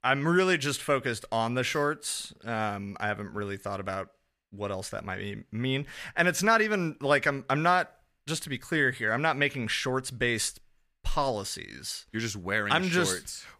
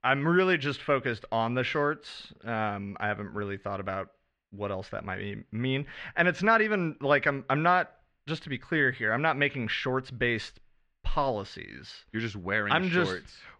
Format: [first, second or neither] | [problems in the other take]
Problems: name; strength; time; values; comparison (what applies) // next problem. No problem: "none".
first | muffled; slightly; fading above 3.5 kHz